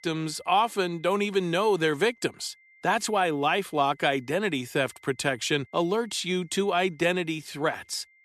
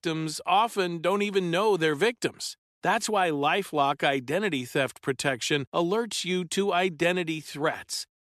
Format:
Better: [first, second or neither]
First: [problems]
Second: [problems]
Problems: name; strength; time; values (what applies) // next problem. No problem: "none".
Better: second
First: high-pitched whine; faint; throughout; 2 kHz, 30 dB below the speech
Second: none